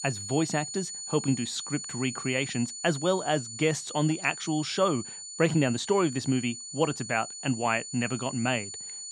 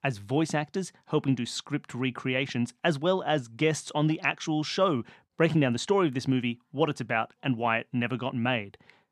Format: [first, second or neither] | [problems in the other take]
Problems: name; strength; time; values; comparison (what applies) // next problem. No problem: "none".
second | high-pitched whine; loud; throughout; 7 kHz, 8 dB below the speech